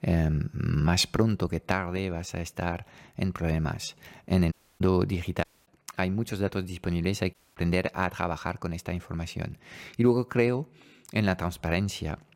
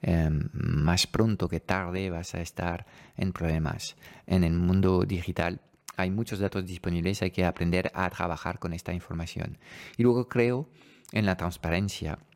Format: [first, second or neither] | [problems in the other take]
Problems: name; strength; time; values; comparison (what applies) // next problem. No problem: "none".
second | audio cutting out; at 4.5 s, at 5.5 s and at 7.5 s